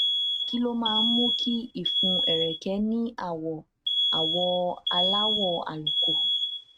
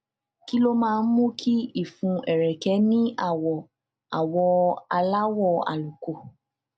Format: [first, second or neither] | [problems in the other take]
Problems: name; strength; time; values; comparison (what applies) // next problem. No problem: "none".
second | noise reduction (neural mask model RNNoise)